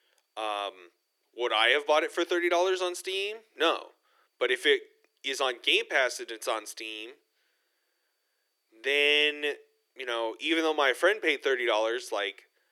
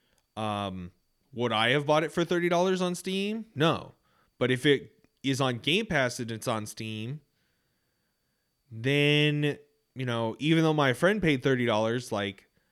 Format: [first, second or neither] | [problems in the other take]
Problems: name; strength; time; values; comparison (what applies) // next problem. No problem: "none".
second | thin; very; fading below 350 Hz